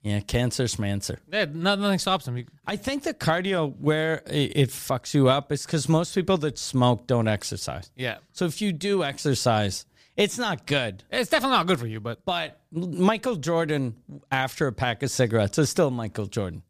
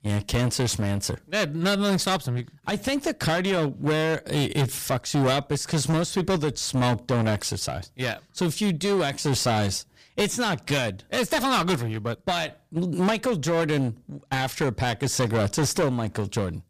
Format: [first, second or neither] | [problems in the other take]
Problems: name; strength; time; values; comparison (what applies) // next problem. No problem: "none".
first | distortion; heavy; 16% of the sound clipped